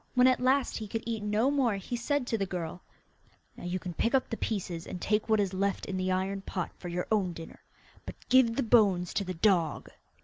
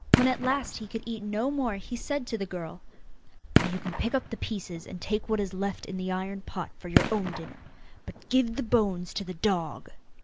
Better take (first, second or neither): first